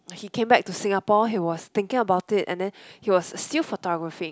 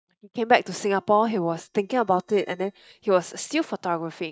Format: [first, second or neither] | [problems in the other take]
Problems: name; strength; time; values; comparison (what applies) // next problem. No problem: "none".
first | noise reduction (neural mask model DeepFilterNet 3)